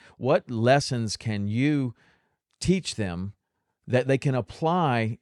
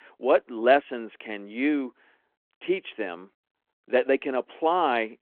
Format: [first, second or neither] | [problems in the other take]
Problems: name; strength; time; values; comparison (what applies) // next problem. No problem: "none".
first | phone-call audio